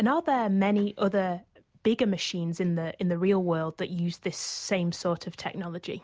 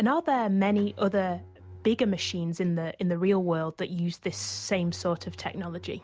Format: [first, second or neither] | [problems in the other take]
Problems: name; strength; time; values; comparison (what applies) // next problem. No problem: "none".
first | background sound (Bowed string instrument); 20 dB below the speech